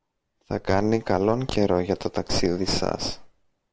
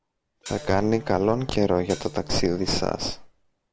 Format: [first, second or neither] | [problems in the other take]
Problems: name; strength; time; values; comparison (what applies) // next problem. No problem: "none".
first | background sound (Hi-hat + Electric guitar); 17 dB below the speech